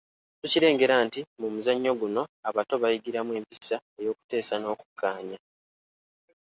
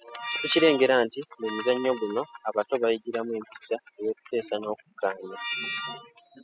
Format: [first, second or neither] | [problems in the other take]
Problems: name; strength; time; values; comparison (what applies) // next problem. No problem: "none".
first | noise reduction (classical method spectral subtraction)